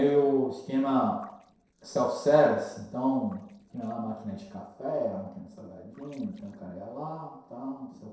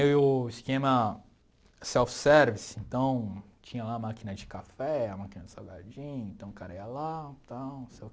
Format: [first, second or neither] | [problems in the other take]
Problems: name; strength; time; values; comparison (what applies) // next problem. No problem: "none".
second | noise reduction (neural separator model SepFormer DNS4)